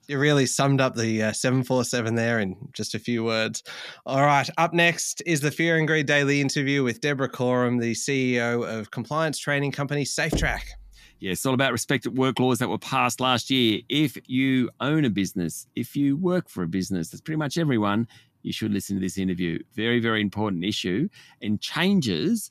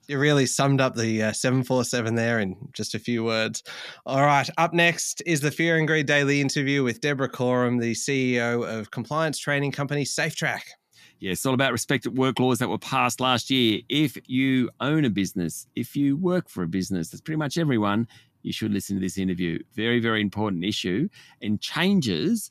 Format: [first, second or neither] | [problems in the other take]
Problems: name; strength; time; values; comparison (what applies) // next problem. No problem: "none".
second | door banging; noticeable; at 10 s; peak 6 dB below the speech